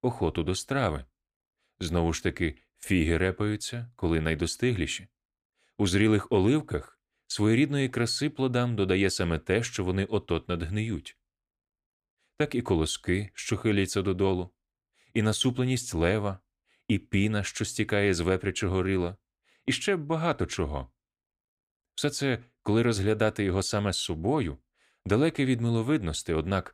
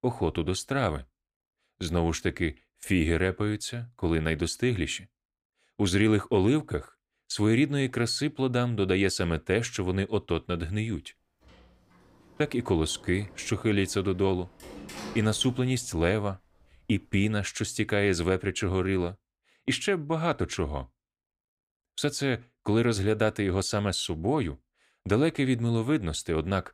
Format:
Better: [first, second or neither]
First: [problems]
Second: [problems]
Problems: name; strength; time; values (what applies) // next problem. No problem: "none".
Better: first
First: none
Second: door banging; faint; from 11 to 17 s; peak 10 dB below the speech